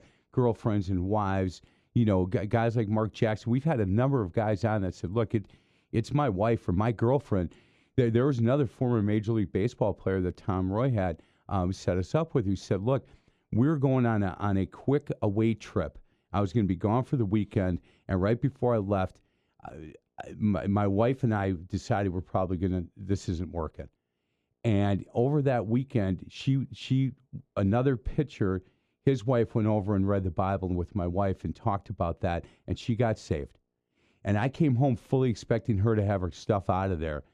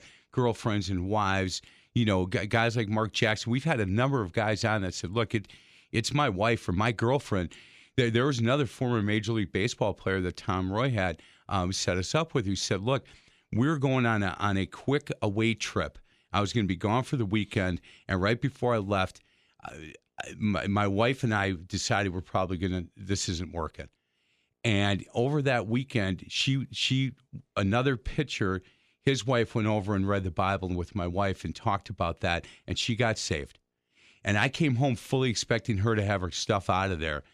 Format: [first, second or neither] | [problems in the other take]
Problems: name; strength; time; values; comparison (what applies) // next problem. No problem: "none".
second | muffled; slightly; fading above 1.5 kHz